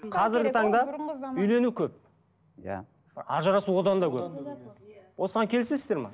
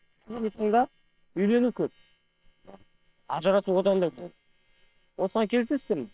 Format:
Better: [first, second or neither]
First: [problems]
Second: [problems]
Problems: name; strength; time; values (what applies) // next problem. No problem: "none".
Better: first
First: none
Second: noise reduction (neural separator model SepFormer WHAM!)